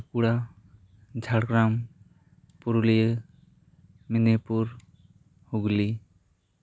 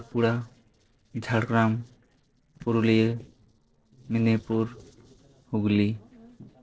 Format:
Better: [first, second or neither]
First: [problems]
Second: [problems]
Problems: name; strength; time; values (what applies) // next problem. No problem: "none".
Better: first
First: none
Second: noise reduction (neural separator model SepFormer DNS4)